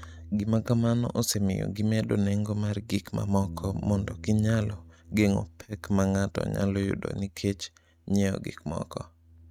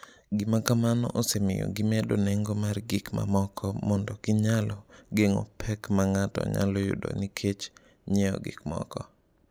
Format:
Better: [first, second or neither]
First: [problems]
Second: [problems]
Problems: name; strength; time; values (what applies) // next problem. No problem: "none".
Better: second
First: noise reduction (neural mask model RNNoise)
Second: none